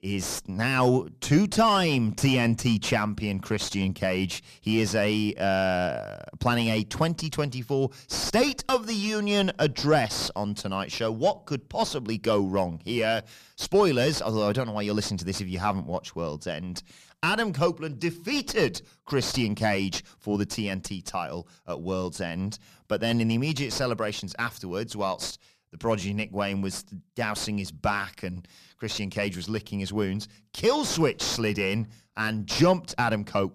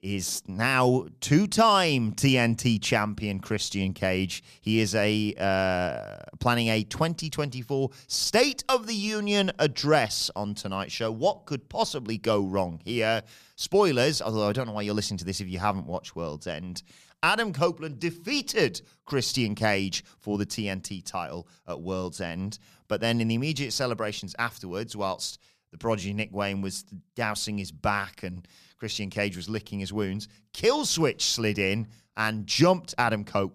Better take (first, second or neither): second